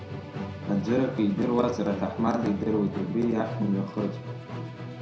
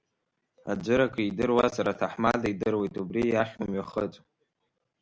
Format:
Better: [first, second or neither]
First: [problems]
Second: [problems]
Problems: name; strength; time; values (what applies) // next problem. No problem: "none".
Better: second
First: background sound (Musical instrument); 8 dB below the speech // room echo; dies away in 0.6 s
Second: none